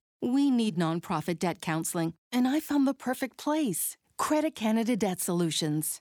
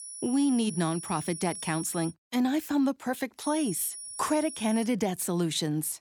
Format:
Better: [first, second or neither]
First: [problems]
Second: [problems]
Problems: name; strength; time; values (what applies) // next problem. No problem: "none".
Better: first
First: none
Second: high-pitched whine; loud; until 2 s and from 3.5 to 5 s; 10 kHz, 9 dB below the speech